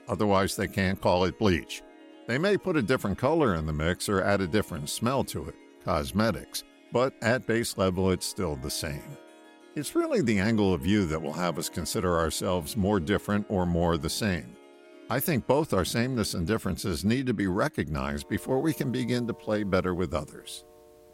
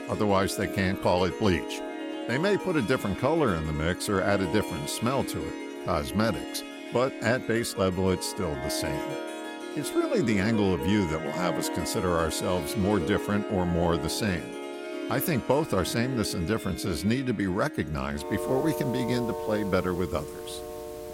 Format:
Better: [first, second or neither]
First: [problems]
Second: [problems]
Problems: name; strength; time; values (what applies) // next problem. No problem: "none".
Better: first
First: background music; faint; throughout; 25 dB below the speech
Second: background music; loud; throughout; 7 dB below the speech